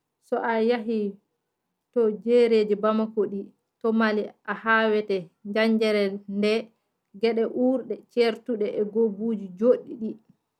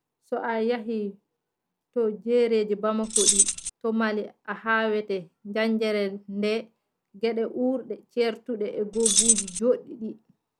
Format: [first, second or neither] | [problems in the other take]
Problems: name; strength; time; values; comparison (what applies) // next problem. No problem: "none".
first | background sound (Keys jangling); 5 dB above the speech